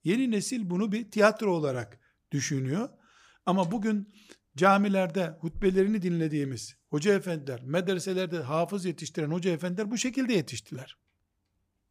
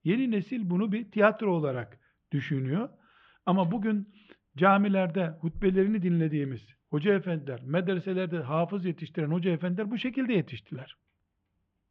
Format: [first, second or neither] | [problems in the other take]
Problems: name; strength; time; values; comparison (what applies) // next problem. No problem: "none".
first | muffled; very; fading above 3 kHz